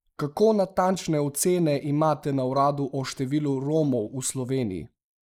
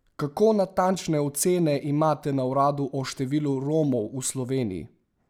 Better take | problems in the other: second | noise reduction (neural mask model Resemble Enhance denoiser)

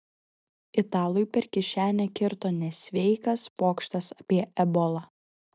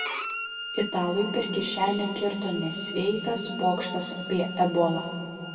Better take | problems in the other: first | background sound (Bowed string instrument); 9 dB below the speech // room echo; dies away in 2.2 s

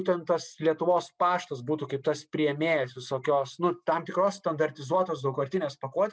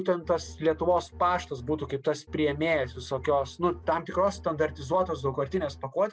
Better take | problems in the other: first | background sound (Bowed string instrument); 17 dB below the speech

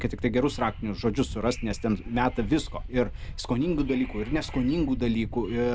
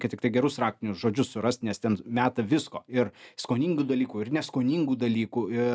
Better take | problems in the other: second | background sound (Subway, metro, underground / Wind); 9 dB below the speech

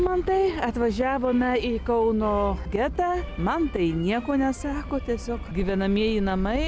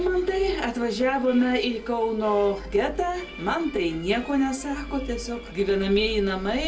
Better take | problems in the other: first | room echo; dies away in 0.2 s

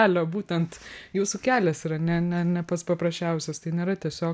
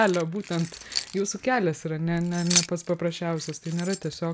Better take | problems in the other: first | background sound (Keys jangling); 7 dB below the speech

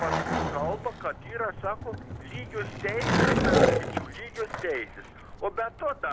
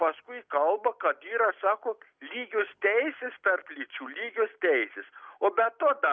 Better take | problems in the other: second | background sound (Skateboard); 5 dB above the speech

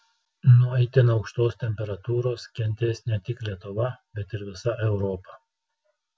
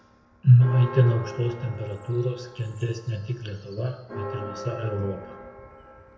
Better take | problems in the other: first | background sound (Church bell); 15 dB below the speech // room echo; dies away in 0.7 s

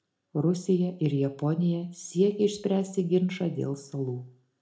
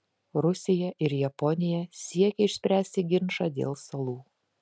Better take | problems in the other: second | room echo; dies away in 0.3 s

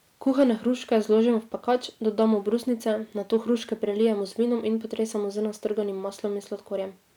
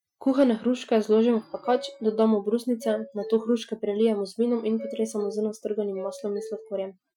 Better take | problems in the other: first | noise reduction (classical method Wiener filter)

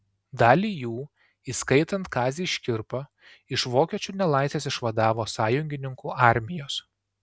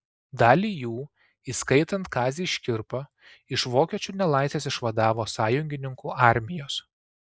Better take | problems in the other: first | noise reduction (neural mask model Resemble Enhance denoiser)

